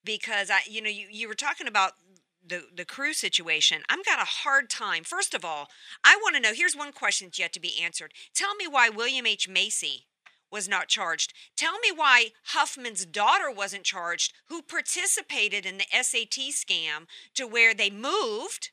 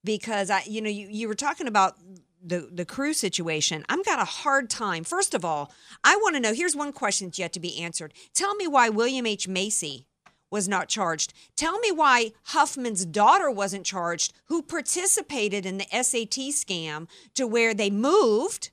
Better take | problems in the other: second | thin; somewhat; fading below 750 Hz

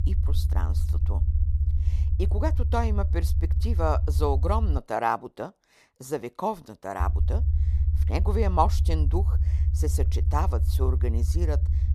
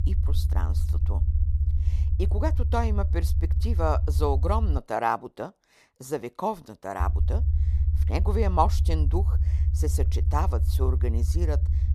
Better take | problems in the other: neither | low rumble; noticeable; until 5 s and from 7 s on; 15 dB below the speech; the same in both

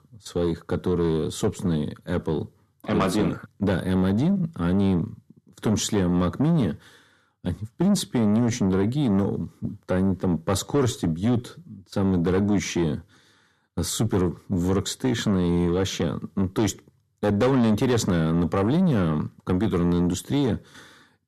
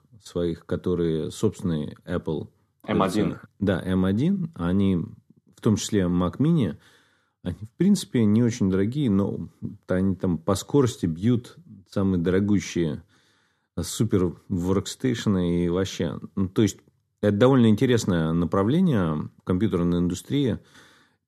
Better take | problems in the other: second | distortion; slight; 10 dB below the speech

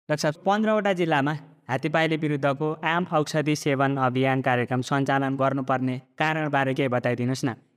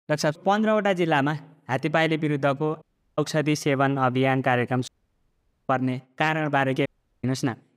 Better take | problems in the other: first | audio cutting out; at 3 s, at 5 s for 1 s and at 7 s

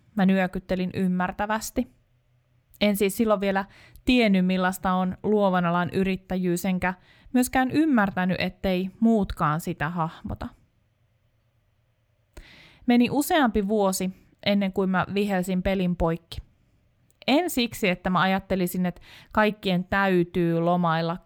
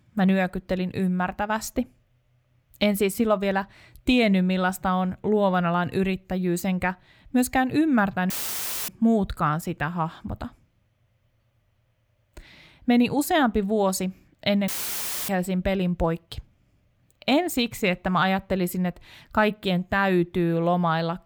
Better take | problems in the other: first | audio cutting out; filled with static; at 8.5 s for 0.5 s and at 15 s for 0.5 s

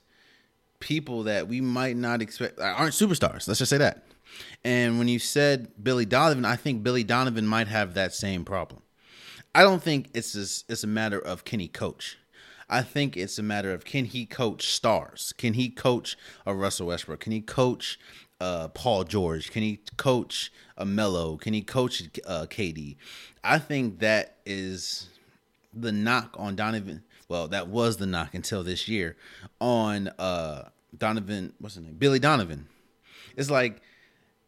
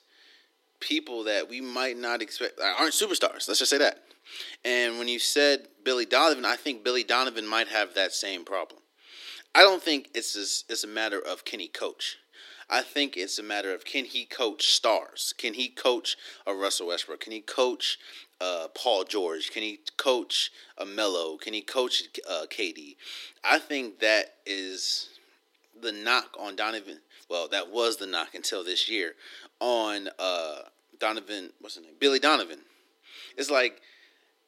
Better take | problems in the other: first | thin; somewhat; fading below 300 Hz

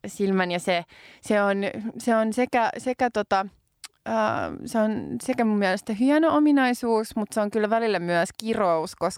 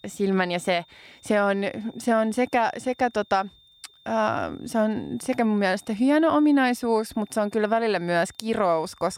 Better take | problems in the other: first | high-pitched whine; faint; throughout; 3.5 kHz, 30 dB below the speech

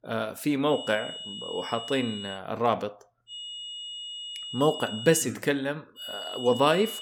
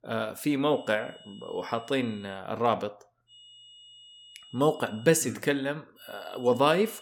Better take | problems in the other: second | high-pitched whine; loud; from 0.5 to 2.5 s, from 3.5 to 5 s and from 6 s on; 3 kHz, 9 dB below the speech; faint in the second

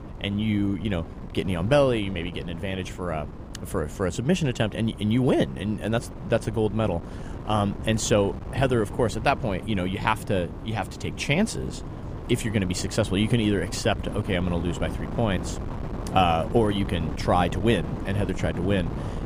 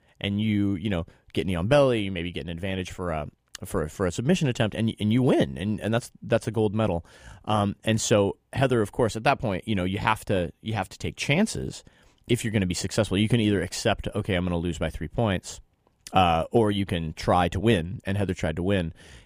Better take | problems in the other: second | wind noise on the microphone; occasional gusts; 15 dB below the speech

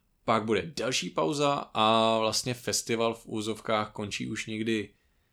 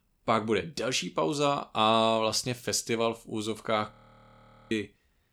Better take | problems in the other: first | audio freezing; at 4 s for 1 s

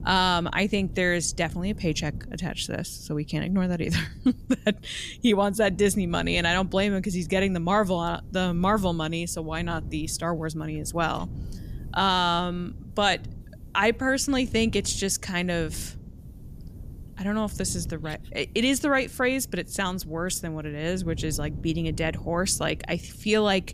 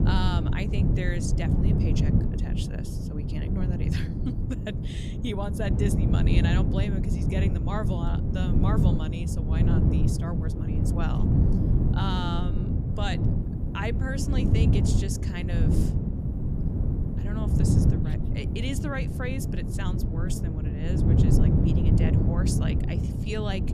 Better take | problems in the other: first | wind noise on the microphone; heavy; 1 dB above the speech; occasional gusts in the first

